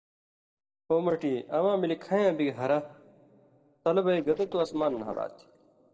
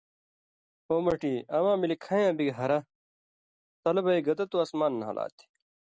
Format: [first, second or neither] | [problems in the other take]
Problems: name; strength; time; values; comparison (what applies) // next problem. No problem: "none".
second | noise reduction (neural separator model SepFormer DNS4)